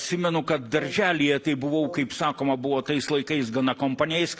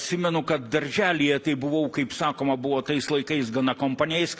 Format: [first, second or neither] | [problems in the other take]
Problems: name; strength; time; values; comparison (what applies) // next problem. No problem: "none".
second | noise reduction (neural separator model SepFormer DNS4)